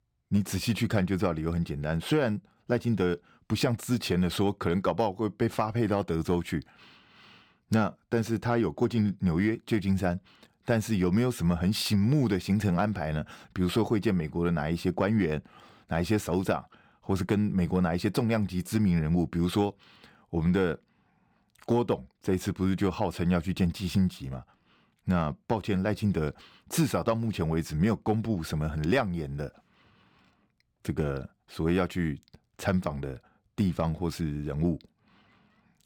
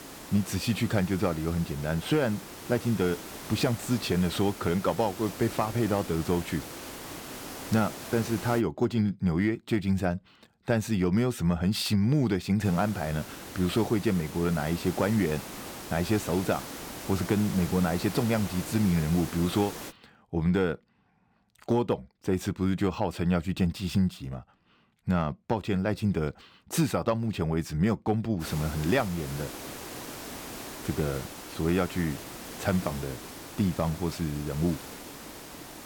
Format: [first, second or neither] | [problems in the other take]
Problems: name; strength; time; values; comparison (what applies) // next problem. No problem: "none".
first | hiss; noticeable; until 8.5 s, from 13 to 20 s and from 28 s on; 10 dB below the speech